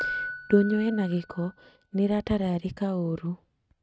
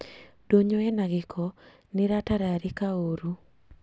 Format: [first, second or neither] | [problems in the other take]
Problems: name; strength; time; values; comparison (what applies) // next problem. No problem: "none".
second | noise reduction (neural mask model RNNoise)